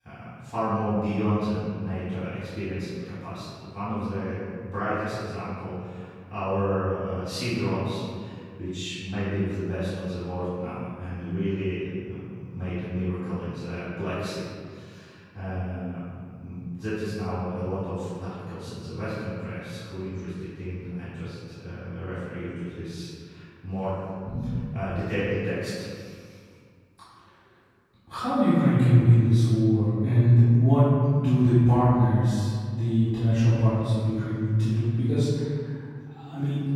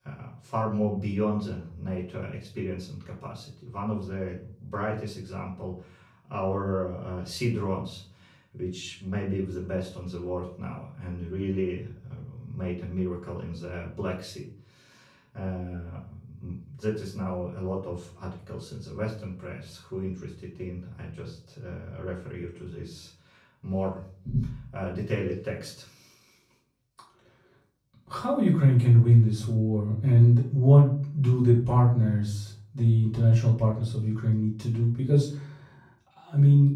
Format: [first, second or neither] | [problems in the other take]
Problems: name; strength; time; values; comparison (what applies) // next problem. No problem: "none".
second | room echo; strong; dies away in 1.9 s; slight in the second // off-mic speech; far; far in the second